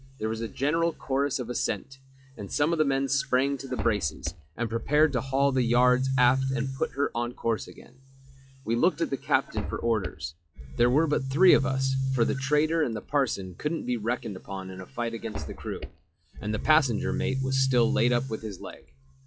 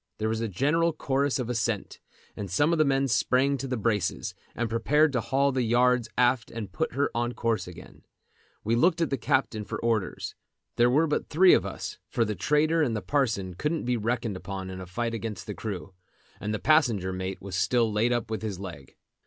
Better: second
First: noise reduction (classical method log-MMSE)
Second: none

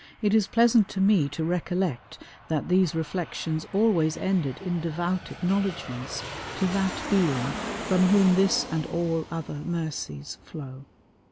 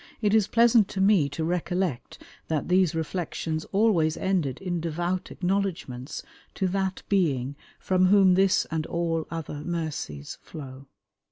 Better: second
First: background sound (Aircraft); 13 dB below the speech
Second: none

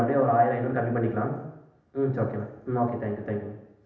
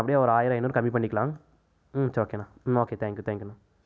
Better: second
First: room echo; dies away in 0.8 s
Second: none

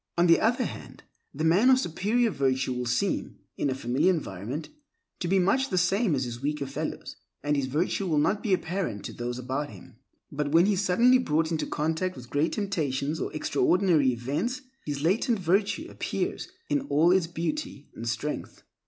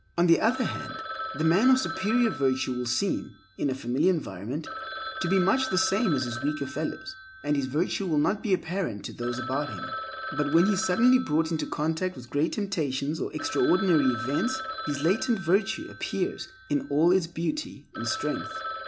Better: first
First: none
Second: background sound (Telephone); 11 dB below the speech

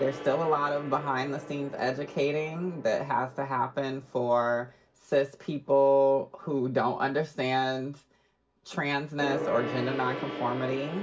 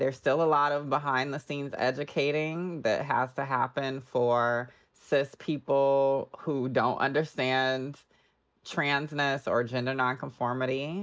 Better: second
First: background sound (Gong); 12 dB below the speech // room echo; dies away in 0.2 s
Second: none

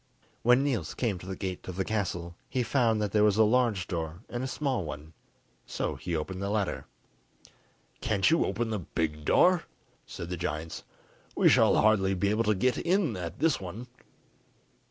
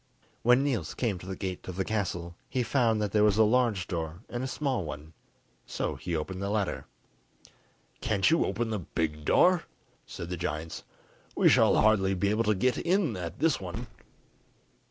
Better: first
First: none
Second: background sound (Car); 12 dB below the speech

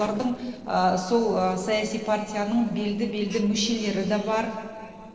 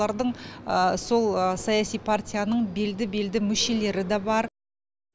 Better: second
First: noise reduction (neural separator model SepFormer DNS4)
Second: none

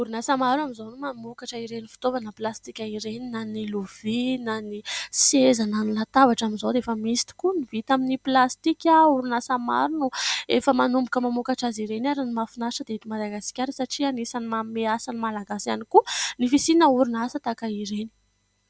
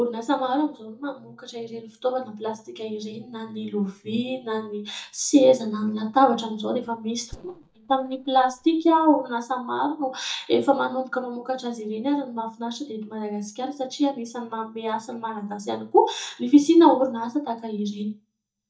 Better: first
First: none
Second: noise reduction (neural mask model DeepFilterNet 3)

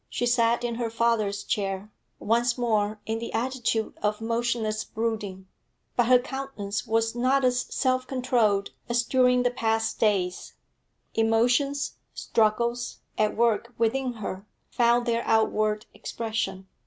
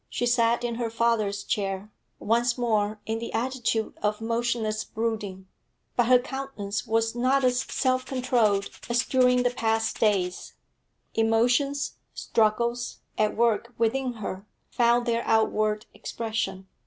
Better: first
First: none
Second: background sound (Rattle (instrument)); 18 dB below the speech

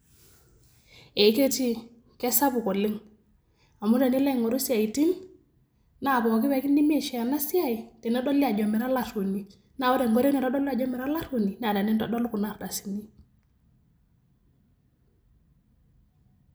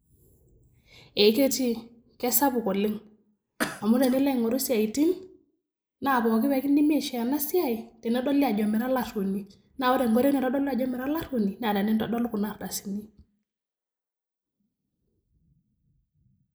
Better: first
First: none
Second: noise reduction (neural mask model Resemble Enhance denoiser)

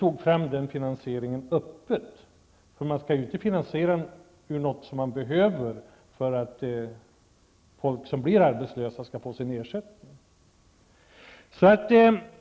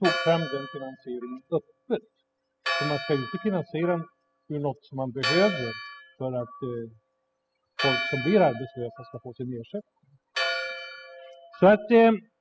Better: first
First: none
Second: noise reduction (classical method spectral subtraction)

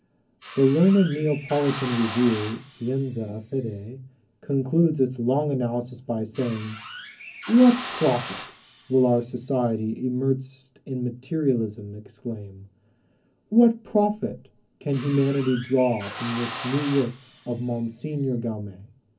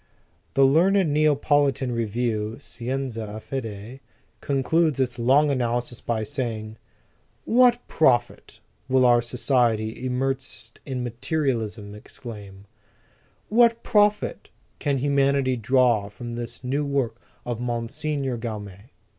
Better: second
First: background sound (Drill); 14 dB below the speech // room echo; dies away in 0.4 s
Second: none

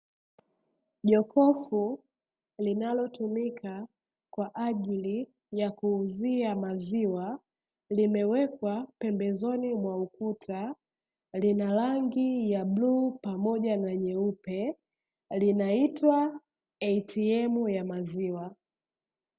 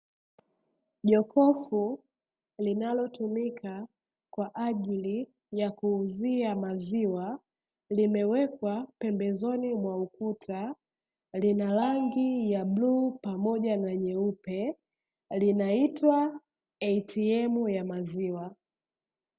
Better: first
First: none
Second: background sound (Bell); 10 dB below the speech

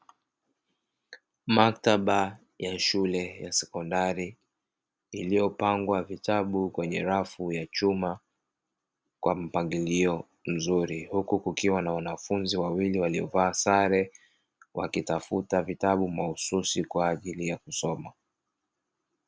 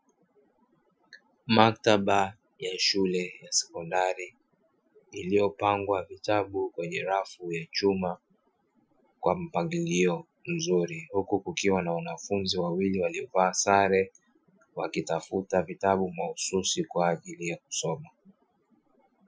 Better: first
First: none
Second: noise reduction (classical method Wiener filter)

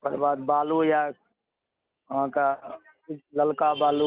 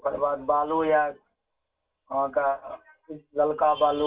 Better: first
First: none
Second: room echo; dies away in 0.2 s

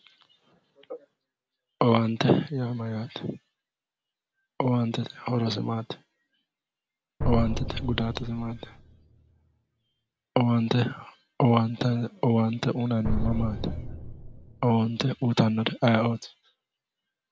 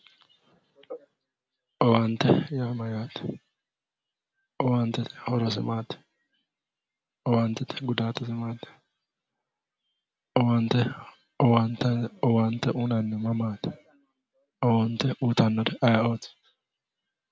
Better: second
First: background sound (Drum); 5 dB below the speech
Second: none

